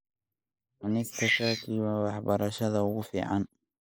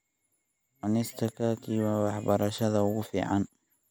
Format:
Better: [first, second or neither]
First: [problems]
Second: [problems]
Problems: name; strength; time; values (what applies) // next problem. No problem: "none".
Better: second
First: noise reduction (neural mask model Resemble Enhance denoiser)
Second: none